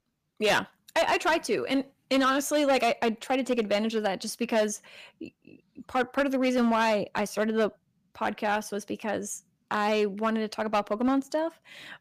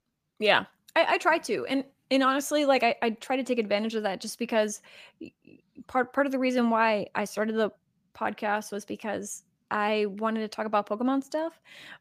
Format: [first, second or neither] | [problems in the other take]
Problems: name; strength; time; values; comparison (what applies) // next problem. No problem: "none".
second | distortion; slight; 5% of the sound clipped